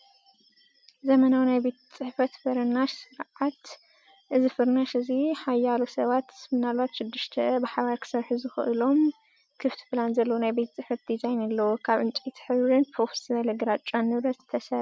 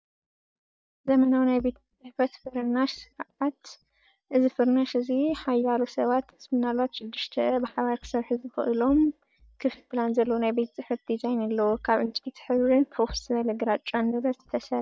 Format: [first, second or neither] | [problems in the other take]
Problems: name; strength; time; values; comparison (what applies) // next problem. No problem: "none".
first | noise reduction (neural mask model DeepFilterNet 3)